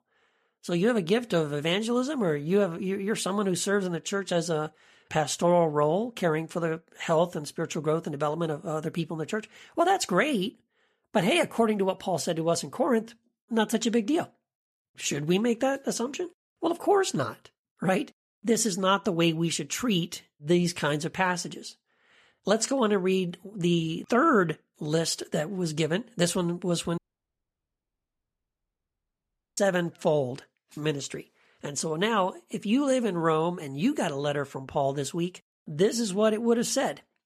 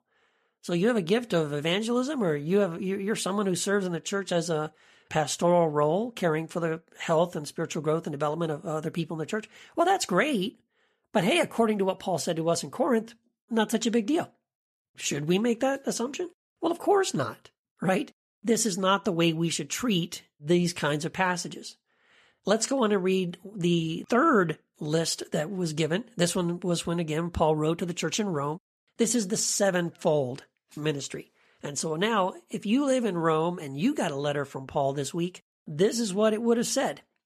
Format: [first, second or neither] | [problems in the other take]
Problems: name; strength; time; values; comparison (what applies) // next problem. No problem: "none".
second | audio cutting out; at 27 s for 2.5 s